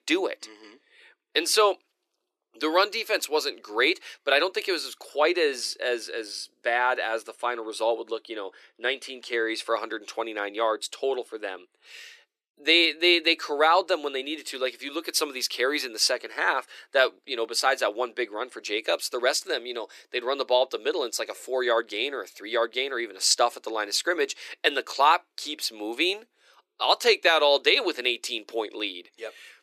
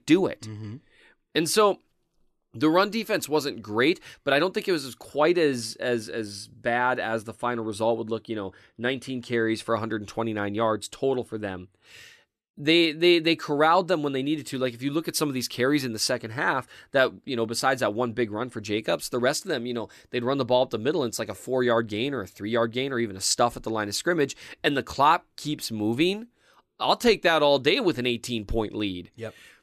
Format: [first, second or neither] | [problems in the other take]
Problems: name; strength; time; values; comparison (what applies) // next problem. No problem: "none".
second | thin; very; fading below 350 Hz